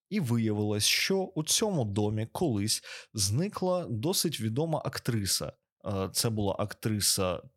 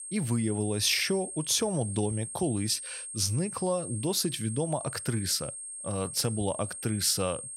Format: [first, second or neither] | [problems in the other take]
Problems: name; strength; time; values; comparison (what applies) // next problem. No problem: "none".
first | high-pitched whine; loud; throughout; 8.5 kHz, 8 dB below the speech